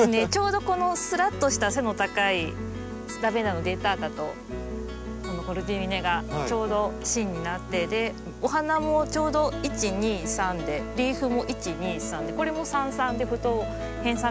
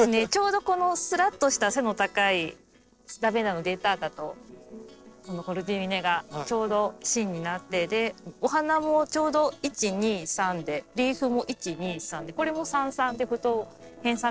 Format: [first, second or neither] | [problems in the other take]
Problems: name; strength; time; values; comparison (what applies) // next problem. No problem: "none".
first | noise reduction (neural separator model SepFormer DNS4)